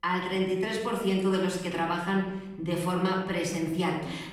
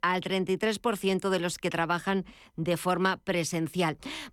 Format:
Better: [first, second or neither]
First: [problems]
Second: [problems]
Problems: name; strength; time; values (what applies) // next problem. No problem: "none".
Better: second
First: off-mic speech; far // room echo; noticeable; dies away in 0.8 s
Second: none